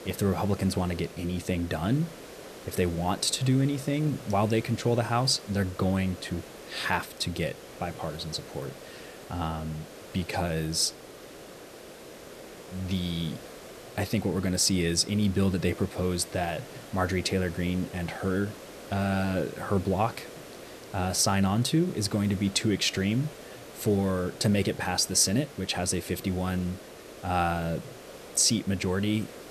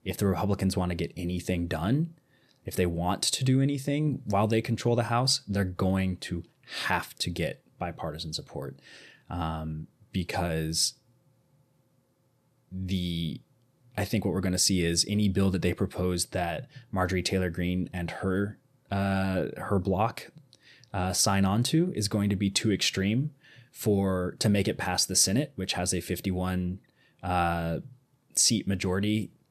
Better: second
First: hiss; noticeable; throughout; 15 dB below the speech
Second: none

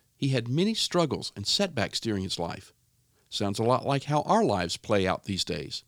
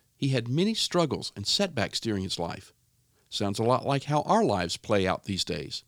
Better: neither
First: none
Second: none

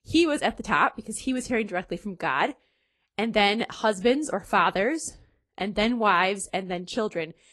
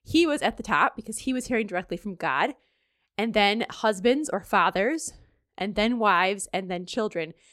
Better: second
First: garbled, watery; slightly; nothing above 11 kHz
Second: none

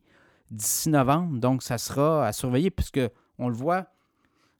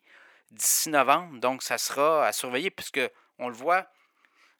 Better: first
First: none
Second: thin; very; fading below 550 Hz

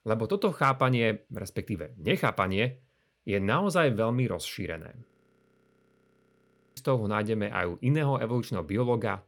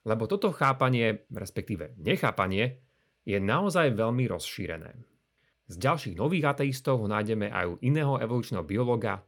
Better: second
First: audio freezing; at 5 s for 1.5 s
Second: none

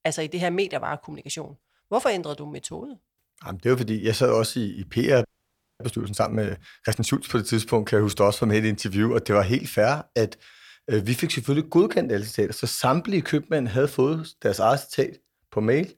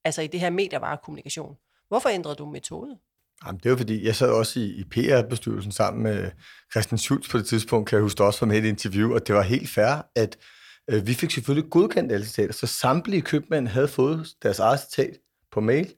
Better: second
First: audio freezing; at 5.5 s for 0.5 s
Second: none

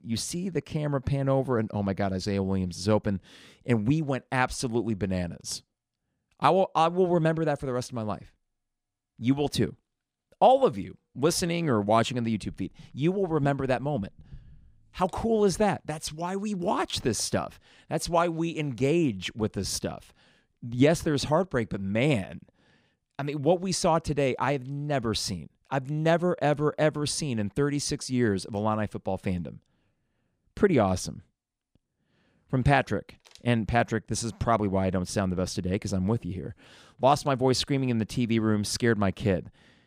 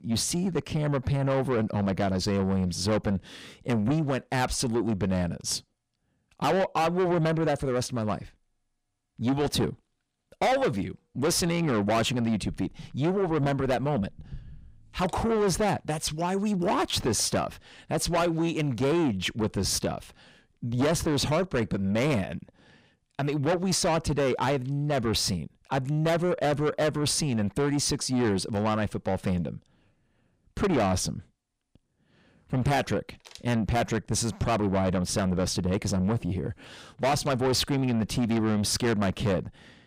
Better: first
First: none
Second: distortion; heavy; 6 dB below the speech

